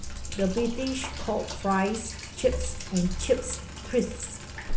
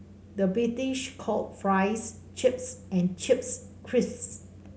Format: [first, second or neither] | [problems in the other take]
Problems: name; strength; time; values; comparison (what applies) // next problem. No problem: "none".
second | background sound (Sink (filling or washing)); 5 dB below the speech